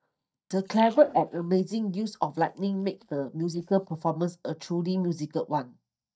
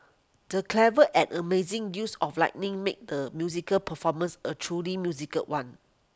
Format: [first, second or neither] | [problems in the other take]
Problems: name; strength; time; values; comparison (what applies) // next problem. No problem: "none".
second | noise reduction (neural mask model DeepFilterNet 3)